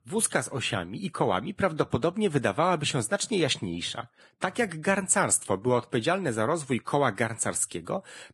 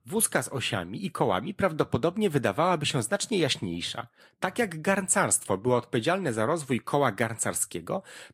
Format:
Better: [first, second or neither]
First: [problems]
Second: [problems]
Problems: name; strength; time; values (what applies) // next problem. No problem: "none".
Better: second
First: garbled, watery; badly; nothing above 10.5 kHz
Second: garbled, watery; slightly